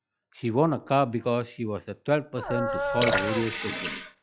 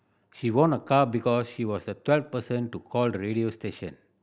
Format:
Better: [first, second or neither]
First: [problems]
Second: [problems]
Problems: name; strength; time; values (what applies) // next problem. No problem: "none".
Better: second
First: noise reduction (classical method log-MMSE)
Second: none